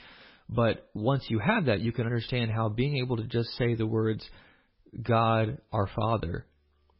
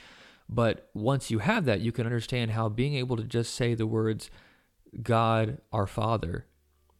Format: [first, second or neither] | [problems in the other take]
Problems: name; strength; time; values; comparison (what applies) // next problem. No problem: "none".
second | garbled, watery; badly; nothing above 5.5 kHz